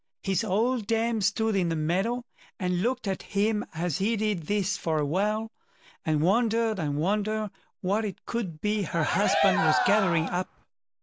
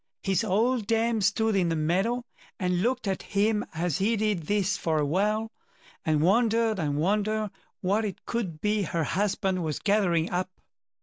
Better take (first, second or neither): second